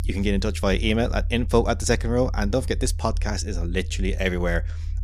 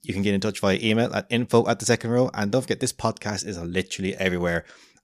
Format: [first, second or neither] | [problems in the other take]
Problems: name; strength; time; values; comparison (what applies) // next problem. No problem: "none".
second | low rumble; faint; throughout; 25 dB below the speech